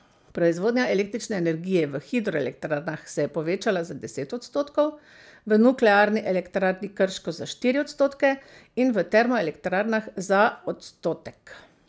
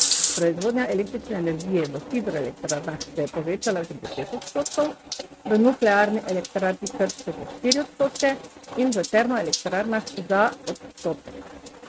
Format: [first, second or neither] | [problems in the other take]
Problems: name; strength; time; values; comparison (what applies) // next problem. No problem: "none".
first | noise reduction (neural mask model RNNoise)